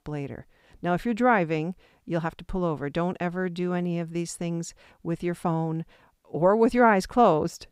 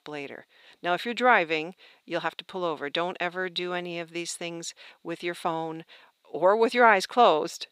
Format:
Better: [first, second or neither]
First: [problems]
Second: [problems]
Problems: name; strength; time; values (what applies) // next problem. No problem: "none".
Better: first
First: none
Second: thin; somewhat; fading below 400 Hz